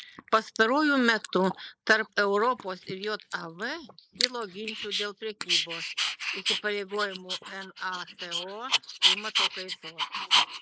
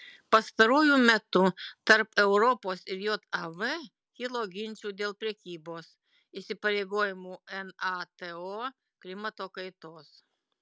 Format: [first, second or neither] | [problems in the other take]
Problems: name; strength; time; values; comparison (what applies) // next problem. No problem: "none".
second | noise reduction (neural mask model Resemble Enhance denoiser)